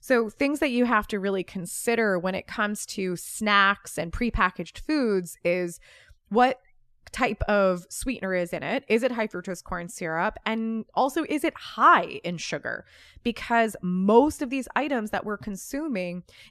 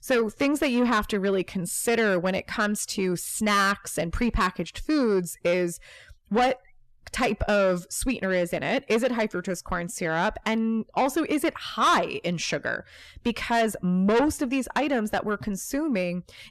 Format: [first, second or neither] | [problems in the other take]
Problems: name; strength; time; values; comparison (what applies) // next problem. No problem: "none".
first | distortion; heavy; 8 dB below the speech